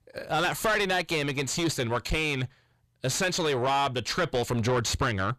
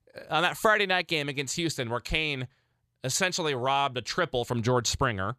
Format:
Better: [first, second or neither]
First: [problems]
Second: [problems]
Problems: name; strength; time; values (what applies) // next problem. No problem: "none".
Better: second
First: distortion; heavy; 6 dB below the speech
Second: none